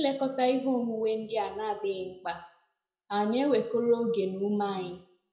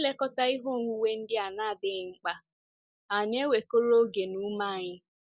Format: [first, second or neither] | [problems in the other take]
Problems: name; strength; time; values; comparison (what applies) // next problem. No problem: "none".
second | room echo; dies away in 0.5 s